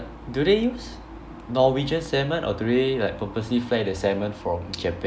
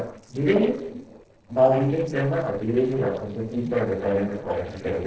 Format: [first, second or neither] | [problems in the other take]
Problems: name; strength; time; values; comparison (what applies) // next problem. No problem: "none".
first | noise reduction (neural separator model SepFormer DNS4)